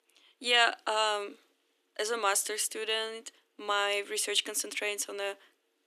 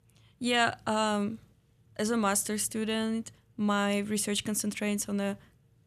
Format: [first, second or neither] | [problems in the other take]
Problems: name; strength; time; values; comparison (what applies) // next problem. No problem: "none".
second | thin; very; fading below 300 Hz